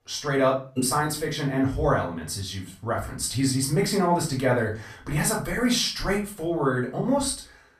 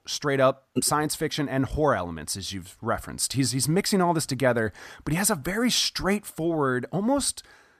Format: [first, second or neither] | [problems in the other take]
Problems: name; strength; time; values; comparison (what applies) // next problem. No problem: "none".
second | off-mic speech; far // room echo; slight; dies away in 0.3 s